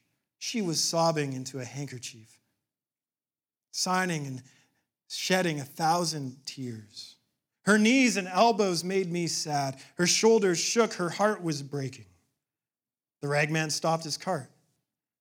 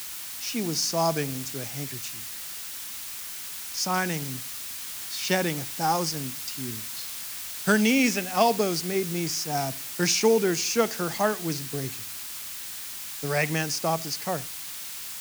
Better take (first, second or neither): first